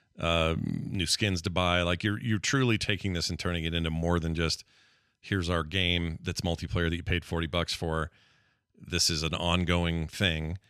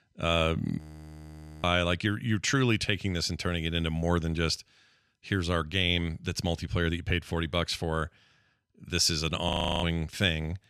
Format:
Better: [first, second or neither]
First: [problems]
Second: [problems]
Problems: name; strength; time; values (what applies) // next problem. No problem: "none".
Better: first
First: none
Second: audio freezing; at 1 s for 1 s and at 9.5 s